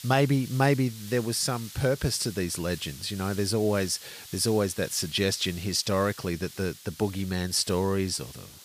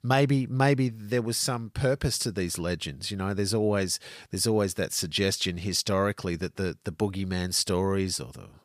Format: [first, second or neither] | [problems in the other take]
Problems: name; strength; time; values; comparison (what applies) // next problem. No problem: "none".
second | hiss; noticeable; throughout; 15 dB below the speech